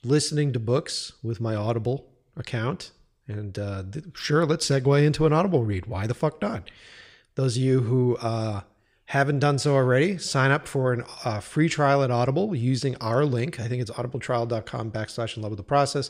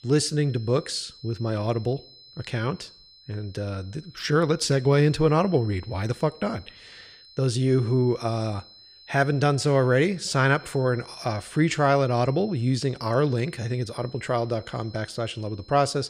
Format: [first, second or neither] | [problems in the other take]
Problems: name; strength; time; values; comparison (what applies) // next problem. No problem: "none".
first | high-pitched whine; faint; throughout; 4 kHz, 25 dB below the speech